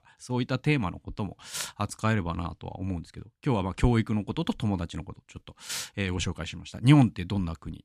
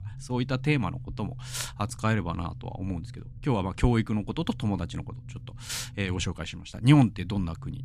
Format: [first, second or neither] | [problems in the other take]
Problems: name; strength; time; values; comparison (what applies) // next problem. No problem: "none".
first | low rumble; faint; throughout; 25 dB below the speech